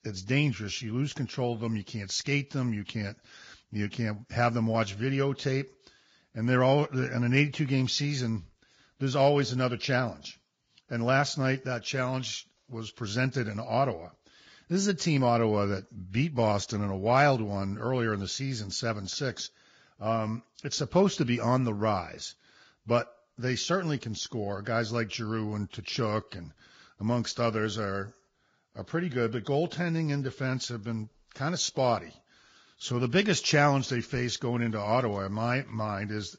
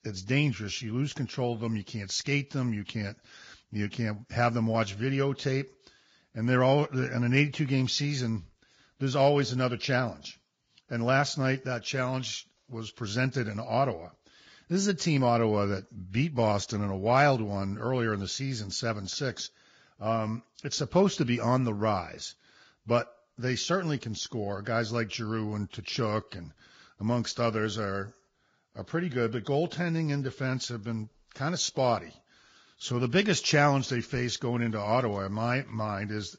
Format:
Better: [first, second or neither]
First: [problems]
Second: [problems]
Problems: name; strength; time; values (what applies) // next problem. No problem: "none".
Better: neither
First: garbled, watery; badly; nothing above 7.5 kHz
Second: garbled, watery; badly; nothing above 7.5 kHz